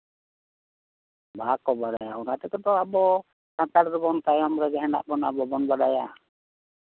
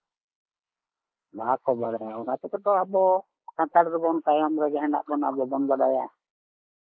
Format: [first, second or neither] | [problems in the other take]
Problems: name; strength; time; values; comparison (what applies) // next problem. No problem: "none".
first | noise reduction (neural mask model Resemble Enhance denoiser)